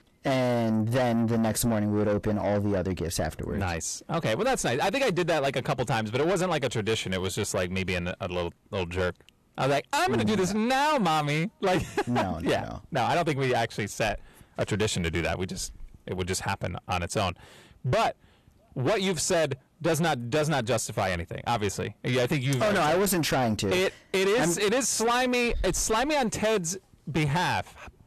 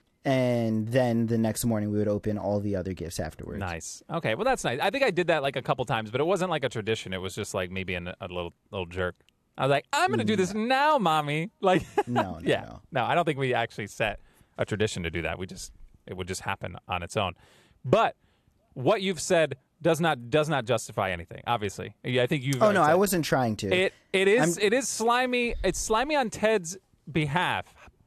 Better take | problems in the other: second | distortion; heavy; 7 dB below the speech

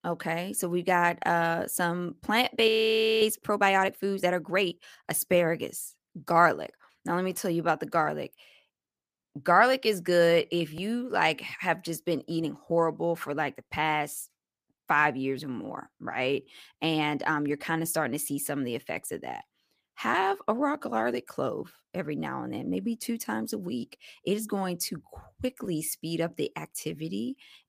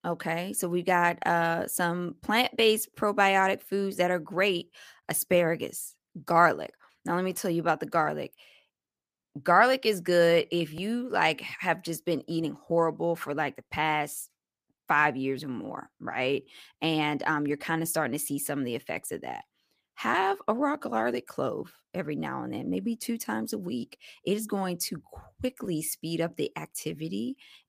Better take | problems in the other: second | audio freezing; at 2.5 s for 0.5 s

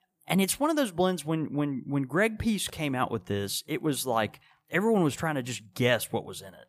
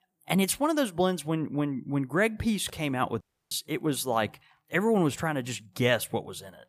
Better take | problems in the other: first | audio cutting out; at 3 s

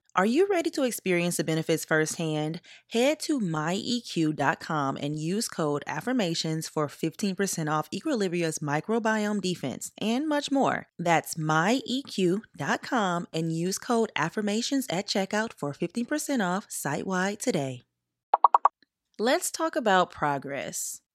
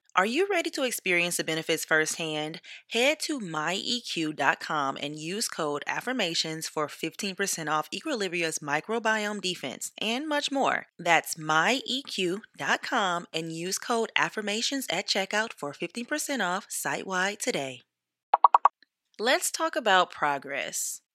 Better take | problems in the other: first | thin; very slightly; fading below 1 kHz

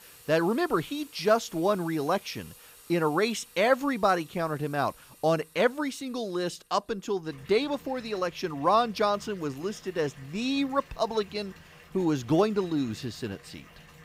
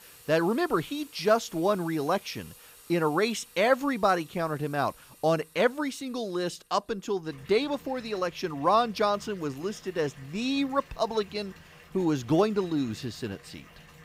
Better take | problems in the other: neither | household noises; faint; throughout; 25 dB below the speech; the same in both

